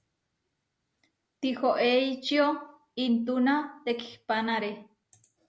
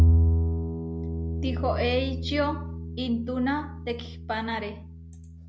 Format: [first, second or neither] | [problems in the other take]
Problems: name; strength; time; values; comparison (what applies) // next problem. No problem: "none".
first | background sound (Bowed string instrument); 4 dB above the speech